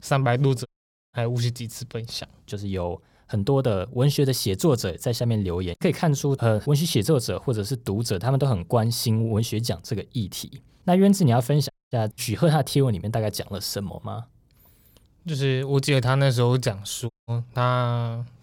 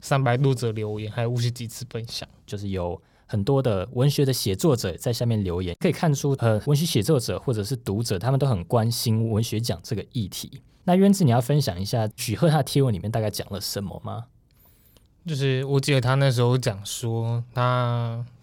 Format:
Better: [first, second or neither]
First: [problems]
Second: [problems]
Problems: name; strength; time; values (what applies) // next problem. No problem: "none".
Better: second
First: audio cutting out; at 0.5 s, at 12 s and at 17 s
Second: none